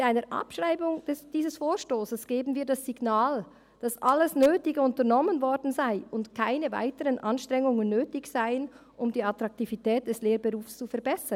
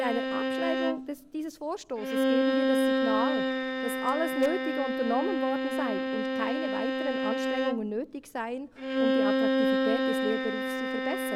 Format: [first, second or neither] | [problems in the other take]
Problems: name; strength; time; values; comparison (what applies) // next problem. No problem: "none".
first | background sound (Bowed string instrument); 5 dB above the speech